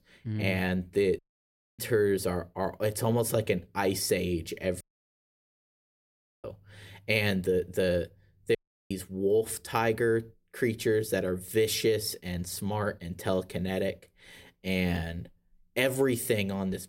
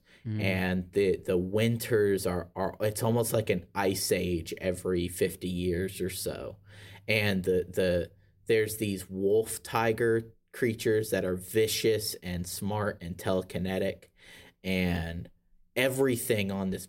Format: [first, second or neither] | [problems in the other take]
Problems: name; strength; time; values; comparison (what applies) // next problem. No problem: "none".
second | audio cutting out; at 1 s for 0.5 s, at 5 s for 1.5 s and at 8.5 s